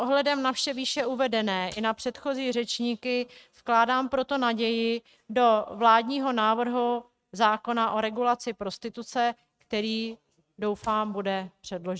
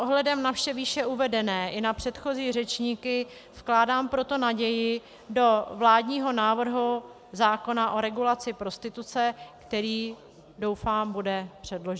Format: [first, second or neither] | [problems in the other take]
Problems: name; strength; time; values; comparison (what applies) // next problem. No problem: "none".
second | noise reduction (neural mask model RNNoise)